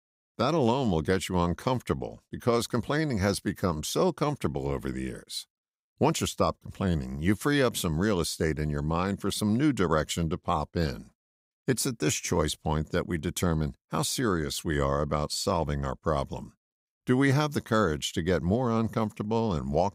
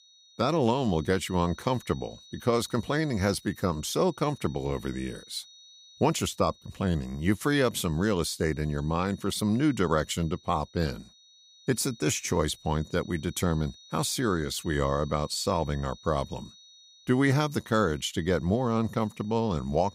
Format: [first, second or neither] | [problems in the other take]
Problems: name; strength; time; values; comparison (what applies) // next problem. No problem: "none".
first | high-pitched whine; faint; throughout; 4 kHz, 25 dB below the speech